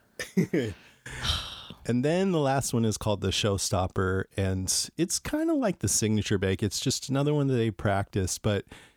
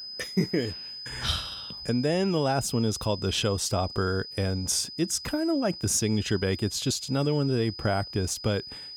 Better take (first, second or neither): first